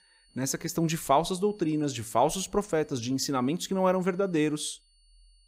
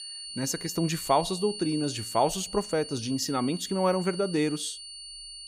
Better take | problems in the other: first | high-pitched whine; loud; throughout; 4.5 kHz, 10 dB below the speech; faint in the first

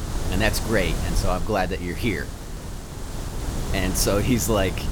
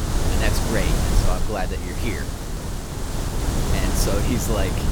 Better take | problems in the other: first | wind noise on the microphone; heavy; 1 dB below the speech; occasional gusts in the first

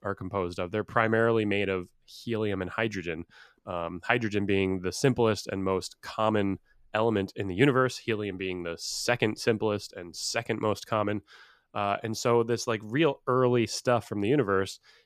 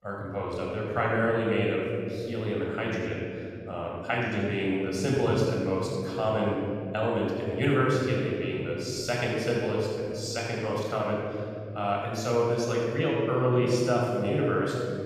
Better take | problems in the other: first | off-mic speech; far // room echo; strong; dies away in 3 s

